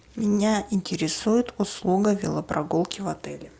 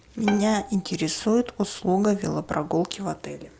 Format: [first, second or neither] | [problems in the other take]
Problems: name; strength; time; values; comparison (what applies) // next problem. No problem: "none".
first | background sound (Bowed string instrument); 15 dB below the speech